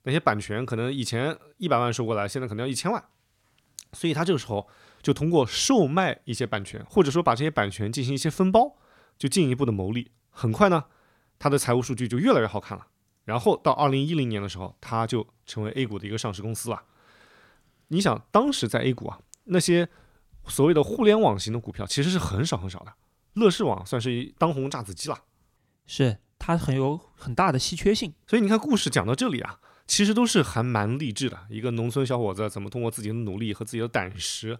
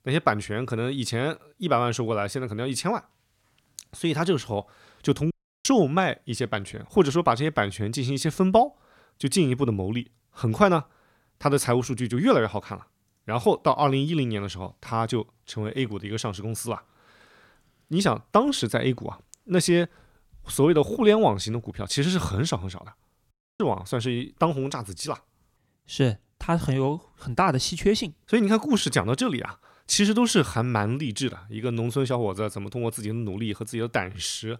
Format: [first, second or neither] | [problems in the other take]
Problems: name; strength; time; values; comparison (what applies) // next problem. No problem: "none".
first | audio cutting out; at 5.5 s and at 23 s